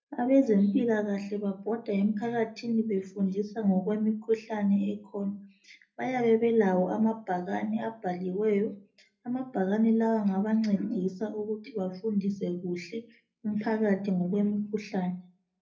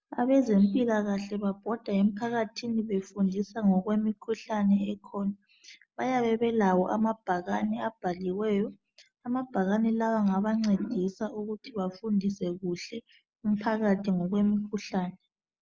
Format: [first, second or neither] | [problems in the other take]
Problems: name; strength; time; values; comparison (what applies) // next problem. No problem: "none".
second | room echo; dies away in 0.3 s